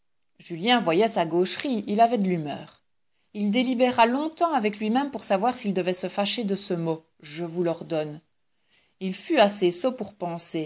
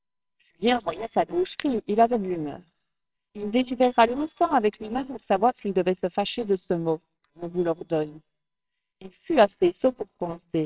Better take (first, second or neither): first